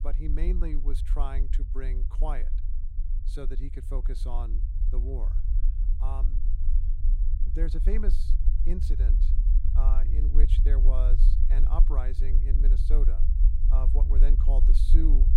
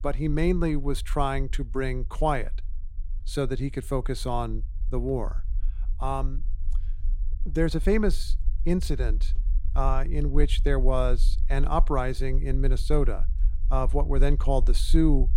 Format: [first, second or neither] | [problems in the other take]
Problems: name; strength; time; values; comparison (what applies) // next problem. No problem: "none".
second | low rumble; loud; throughout; 7 dB below the speech; faint in the second